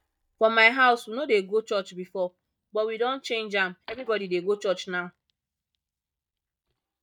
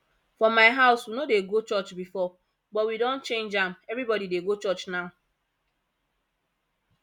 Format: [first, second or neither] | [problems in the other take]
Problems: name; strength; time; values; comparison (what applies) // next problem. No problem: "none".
second | noise reduction (neural mask model DeepFilterNet 3)